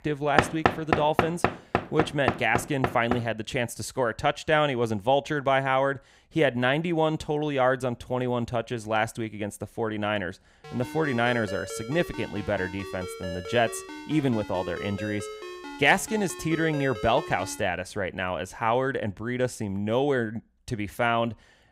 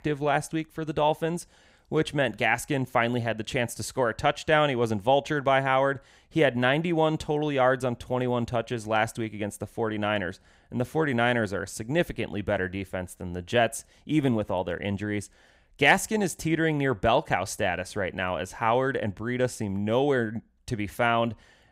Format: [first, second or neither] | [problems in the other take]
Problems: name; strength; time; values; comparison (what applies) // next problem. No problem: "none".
second | door banging; loud; until 3 s; peak 4 dB above the speech // phone ringing; noticeable; from 11 to 18 s; peak 9 dB below the speech